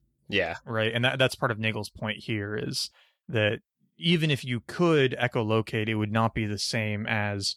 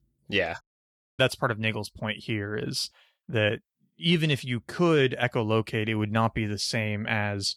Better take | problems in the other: first | audio cutting out; at 0.5 s for 0.5 s

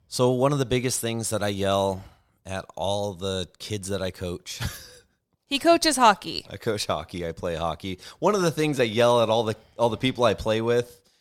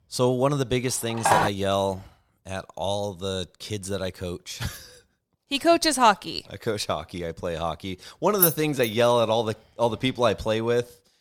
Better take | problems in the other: first | phone ringing; loud; at 1.5 s; peak 3 dB above the speech // jangling keys; loud; at 8.5 s; peak 4 dB above the speech

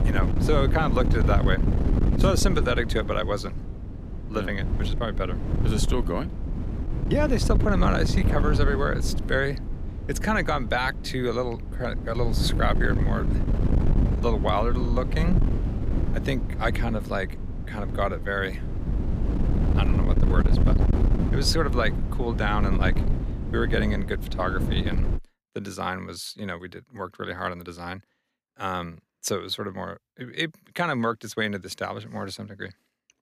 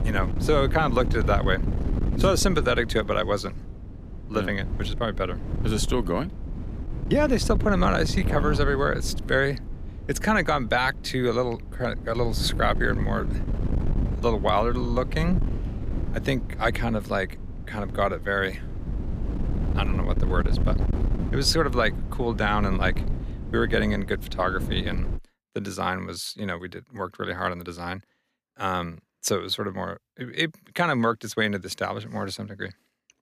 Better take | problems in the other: second | wind noise on the microphone; heavy; until 25 s; 8 dB below the speech; occasional gusts in the second

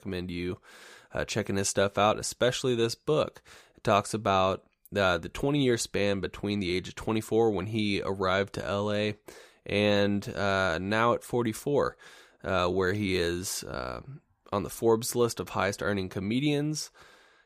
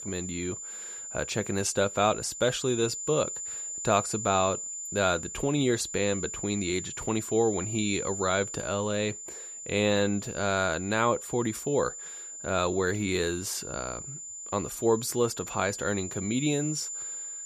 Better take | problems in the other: first | high-pitched whine; loud; throughout; 7 kHz, 7 dB below the speech

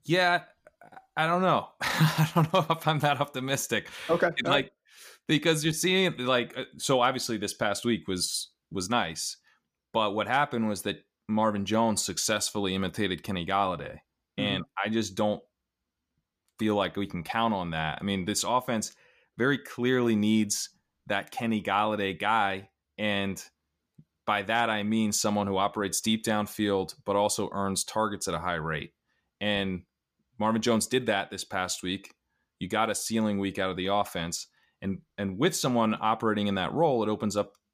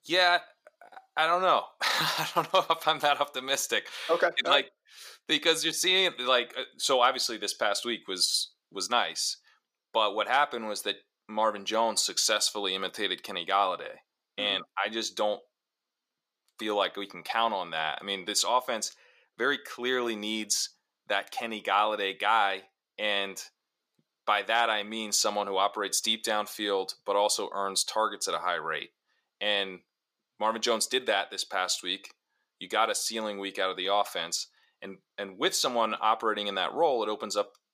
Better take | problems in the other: first | thin; somewhat; fading below 500 Hz

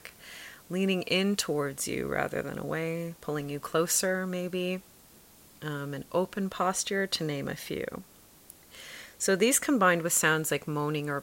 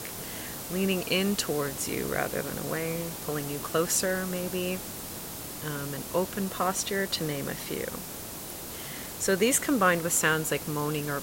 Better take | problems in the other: first | hiss; loud; throughout; 8 dB below the speech; faint in the first

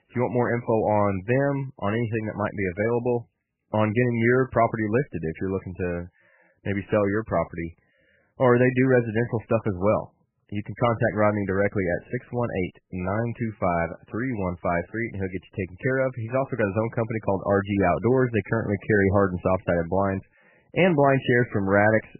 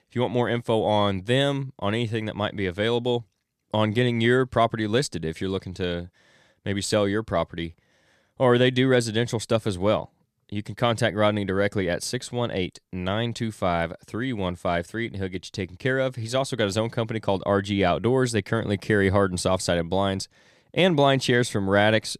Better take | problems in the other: second | garbled, watery; badly; nothing above 3 kHz

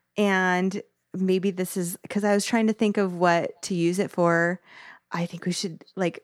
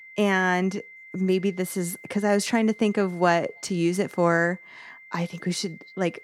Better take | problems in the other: first | high-pitched whine; faint; throughout; 2 kHz, 20 dB below the speech

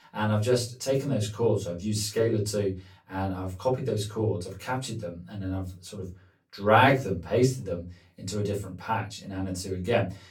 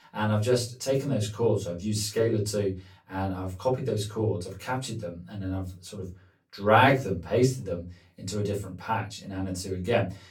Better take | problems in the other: neither | off-mic speech; far; the same in both // room echo; very slight; dies away in 0.2 s; the same in both

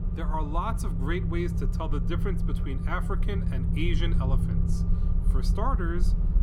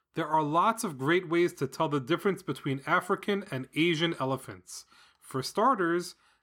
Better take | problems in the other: second | low rumble; loud; throughout; 7 dB below the speech

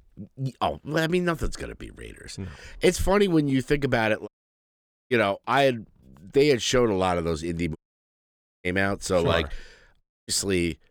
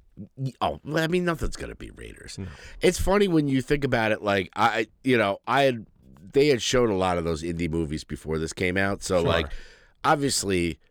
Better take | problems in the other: second | audio cutting out; at 4.5 s for 1 s, at 8 s for 1 s and at 10 s

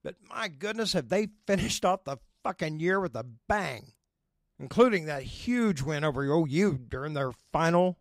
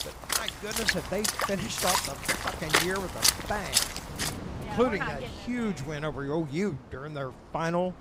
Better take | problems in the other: first | rain or running water; very loud; throughout; 4 dB above the speech

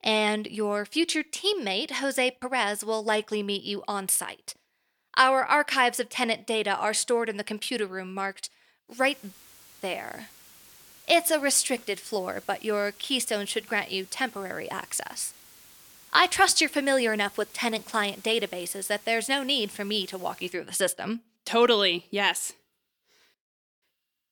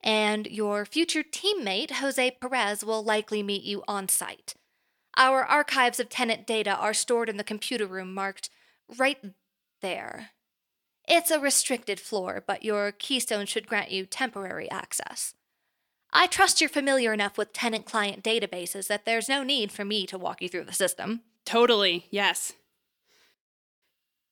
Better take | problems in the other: second | hiss; faint; from 9 to 21 s; 25 dB below the speech

